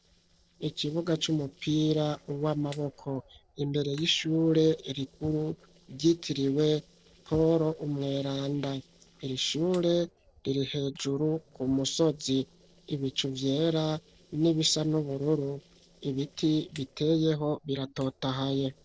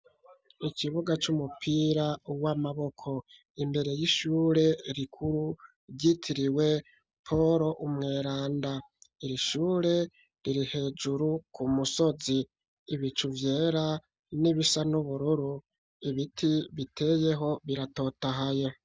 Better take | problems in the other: second | noise reduction (neural separator model SepFormer DNS4)

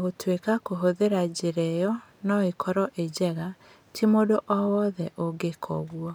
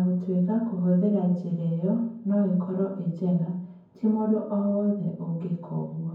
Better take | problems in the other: first | room echo; dies away in 0.9 s

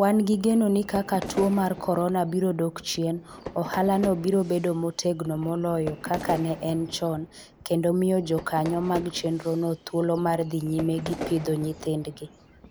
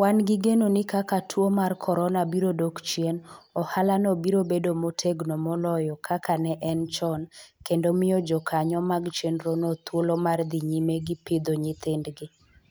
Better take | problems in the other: second | background sound (Fire / Fireworks); 14 dB below the speech

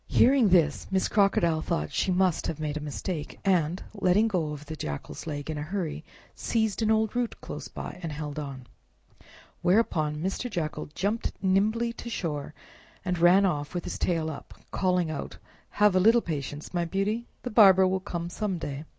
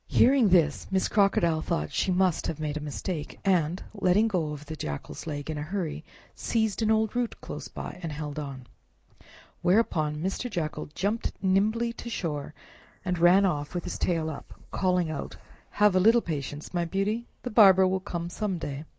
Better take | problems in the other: first | noise reduction (neural mask model Resemble Enhance denoiser)

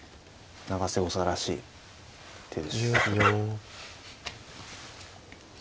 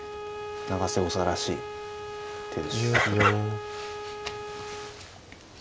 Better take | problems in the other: first | background sound (Bowed string instrument); 8 dB below the speech

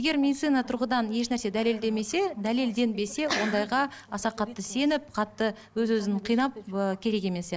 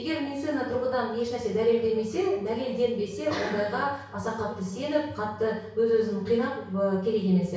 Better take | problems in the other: first | room echo; dies away in 0.6 s

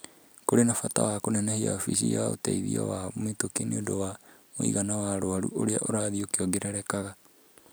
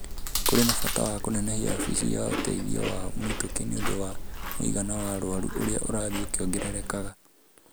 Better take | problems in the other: first | background sound (Chewing, mastication); as loud as the speech

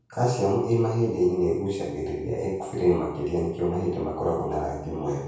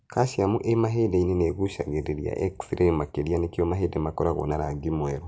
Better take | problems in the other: second | room echo; dies away in 0.7 s

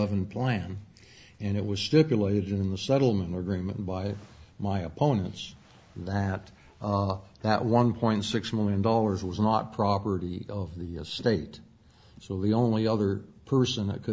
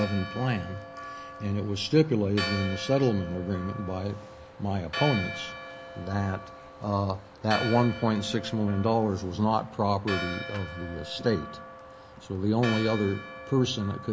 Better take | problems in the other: first | background sound (Church bell); 11 dB below the speech

